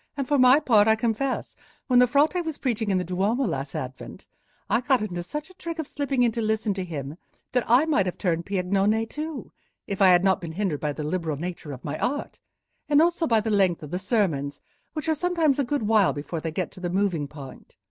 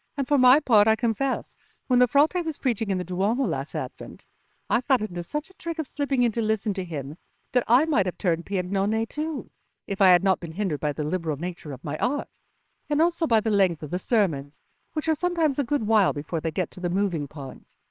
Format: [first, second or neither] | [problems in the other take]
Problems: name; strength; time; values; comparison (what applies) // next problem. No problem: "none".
first | noise reduction (neural separator model SepFormer WHAMR!)